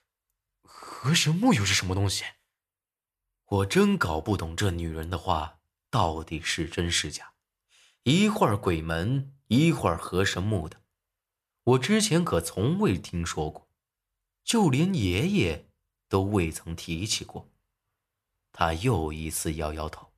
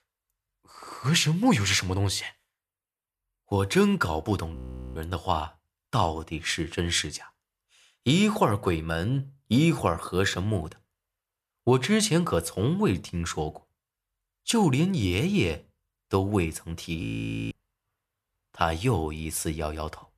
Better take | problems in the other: first | audio freezing; at 4.5 s and at 17 s

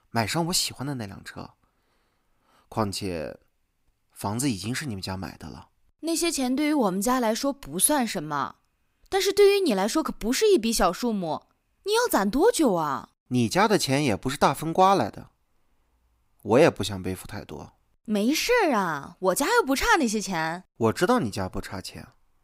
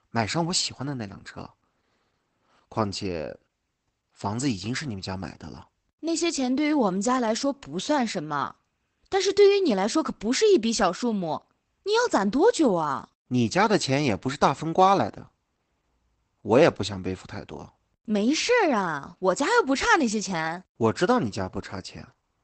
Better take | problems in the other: first | garbled, watery; badly; nothing above 8 kHz

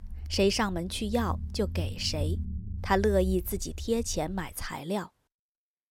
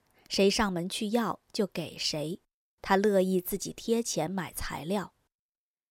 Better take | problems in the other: second | low rumble; faint; until 4.5 s; 20 dB below the speech

